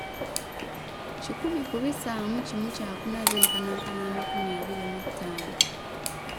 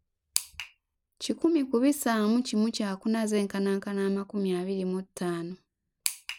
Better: second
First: background sound (Walk, footsteps / Subway, metro, underground + Cutlery, silverware / Tap); 2 dB above the speech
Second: none

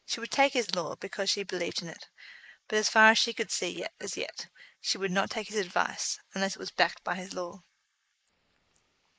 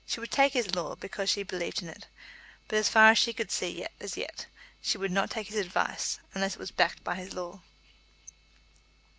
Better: second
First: noise reduction (neural mask model Resemble Enhance denoiser)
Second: none

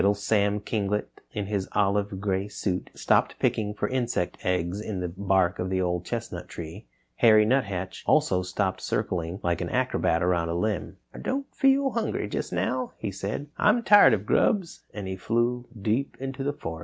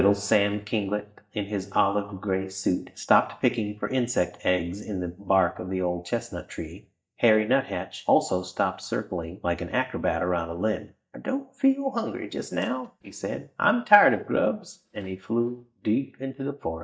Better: first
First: none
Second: noise reduction (neural mask model DeepFilterNet 3)

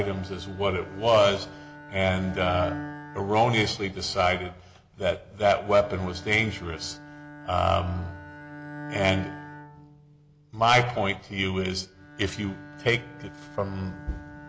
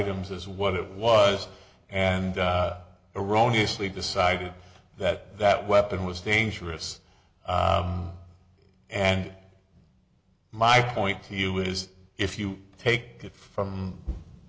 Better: second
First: background sound (Bowed string instrument); 15 dB below the speech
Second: none

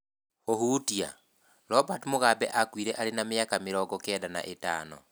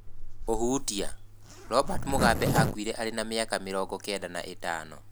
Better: first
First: none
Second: background sound (Zipper (clothing)); 2 dB below the speech

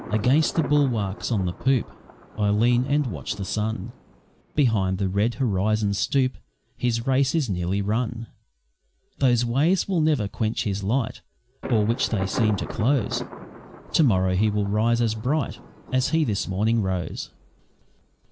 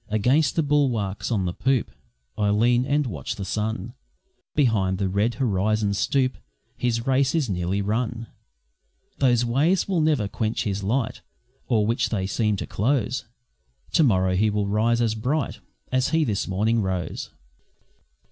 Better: second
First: background sound (Thunder); 17 dB below the speech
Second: none

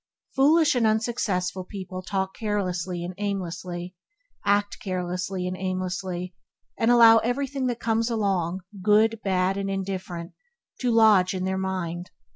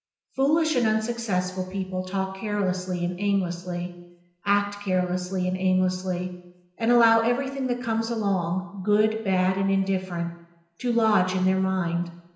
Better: first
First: none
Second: room echo; dies away in 0.9 s

